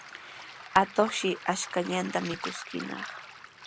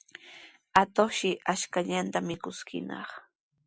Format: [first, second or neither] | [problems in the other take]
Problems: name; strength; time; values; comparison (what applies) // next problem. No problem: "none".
second | background sound (Waves, surf); 12 dB below the speech